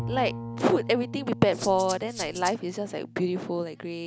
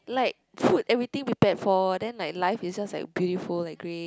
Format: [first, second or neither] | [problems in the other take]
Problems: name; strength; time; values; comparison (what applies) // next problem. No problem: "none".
second | background sound (Rattle (instrument) + Bowed string instrument); 11 dB below the speech